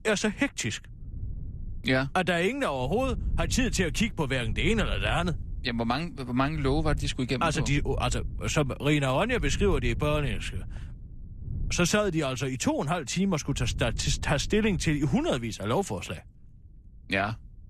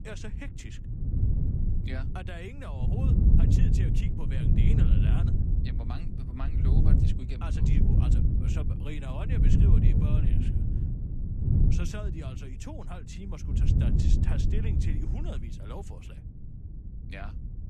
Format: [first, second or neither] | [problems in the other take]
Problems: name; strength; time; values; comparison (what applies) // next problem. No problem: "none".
first | wind noise on the microphone; heavy; 4 dB above the speech; occasional gusts in the first